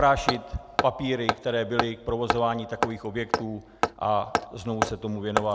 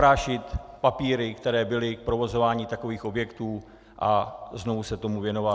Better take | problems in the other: second | background sound (Hammer); 3 dB below the speech

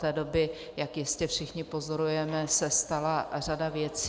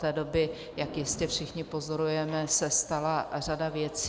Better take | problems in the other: first | background sound (Thunder); 18 dB below the speech

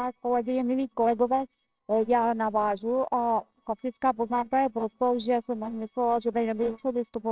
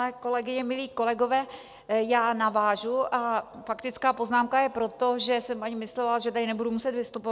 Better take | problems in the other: second | noise reduction (neural separator model SepFormer WHAMR!)

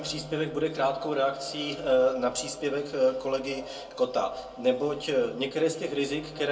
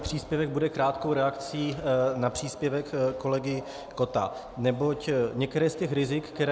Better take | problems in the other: second | room echo; dies away in 0.2 s

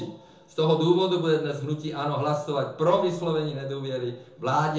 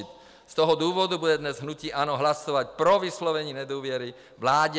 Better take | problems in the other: second | room echo; dies away in 0.6 s

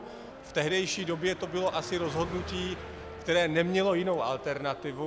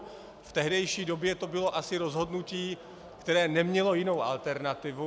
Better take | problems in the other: second | background sound (Wind instrument, woodwind instrument + Car passing by); 13 dB below the speech

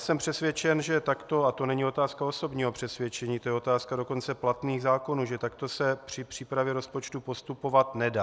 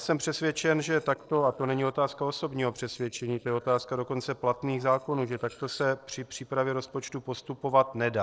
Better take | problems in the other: first | noise reduction (neural separator model SepFormer DNS4)

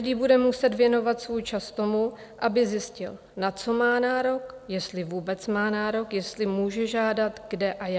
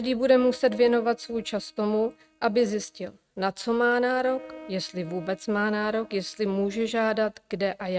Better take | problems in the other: first | noise reduction (neural mask model RNNoise)

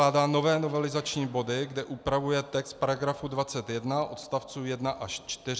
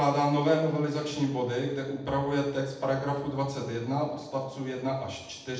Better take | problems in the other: first | room echo; dies away in 0.8 s

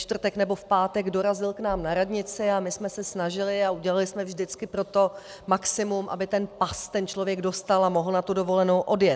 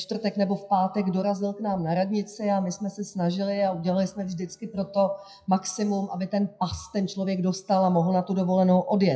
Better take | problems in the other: first | noise reduction (classical method WPE with log-MMSE)

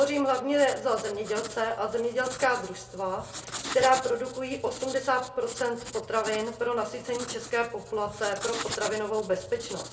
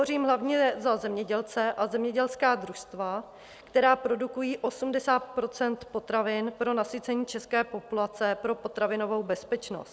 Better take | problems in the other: second | background sound (Writing); 12 dB below the speech // room echo; dies away in 0.3 s

